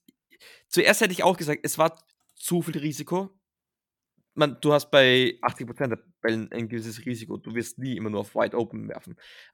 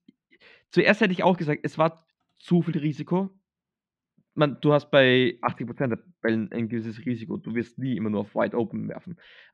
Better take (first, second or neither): first